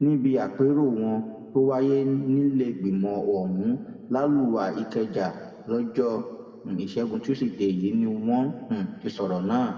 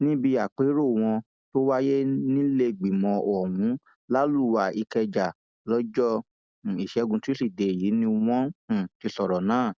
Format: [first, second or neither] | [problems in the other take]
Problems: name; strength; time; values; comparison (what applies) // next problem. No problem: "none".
second | room echo; dies away in 1.8 s